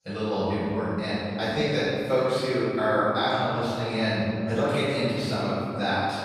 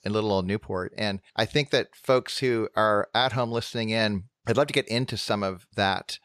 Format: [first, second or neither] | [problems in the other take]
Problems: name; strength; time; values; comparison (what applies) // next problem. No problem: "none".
second | off-mic speech; far // room echo; strong; dies away in 3 s